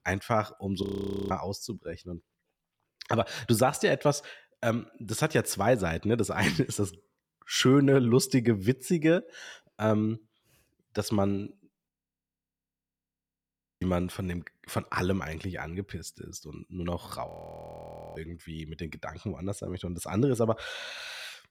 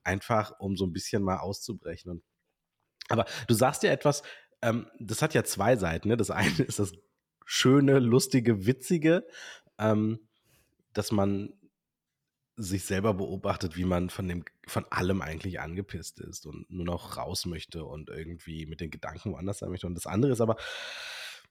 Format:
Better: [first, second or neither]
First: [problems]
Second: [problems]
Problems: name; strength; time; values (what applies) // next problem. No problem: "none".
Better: second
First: audio freezing; at 1 s, at 12 s for 2 s and at 17 s for 1 s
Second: none